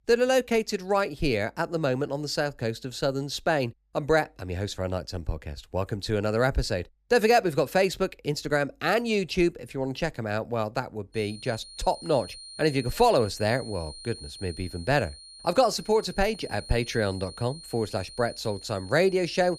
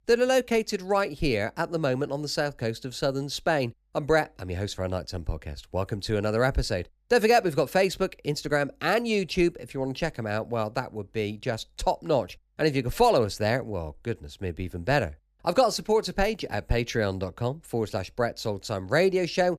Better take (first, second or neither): second